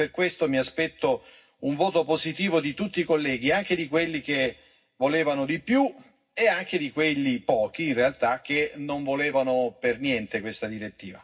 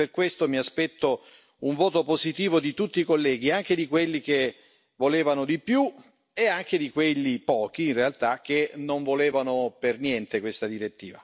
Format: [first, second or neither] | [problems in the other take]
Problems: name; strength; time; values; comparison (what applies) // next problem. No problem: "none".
second | room echo; dies away in 0.4 s